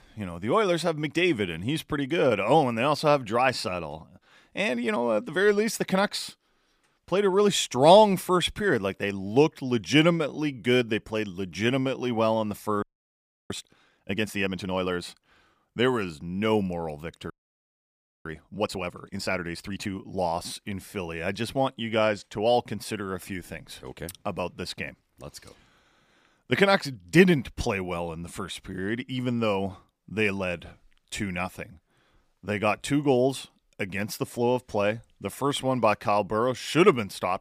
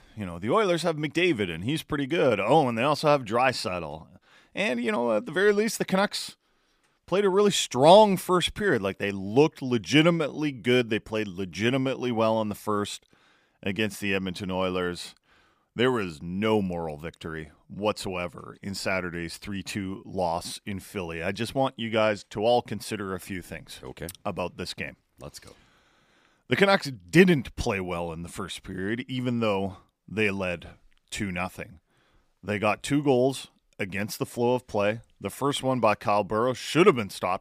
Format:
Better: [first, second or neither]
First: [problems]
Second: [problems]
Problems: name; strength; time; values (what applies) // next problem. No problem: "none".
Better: second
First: audio freezing; at 13 s for 0.5 s and at 17 s for 1 s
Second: none